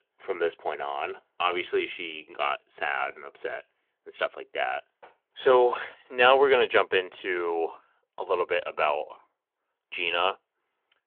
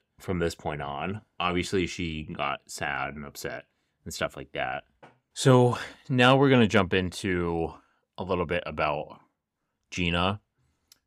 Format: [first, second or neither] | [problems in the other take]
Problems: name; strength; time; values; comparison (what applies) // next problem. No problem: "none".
second | phone-call audio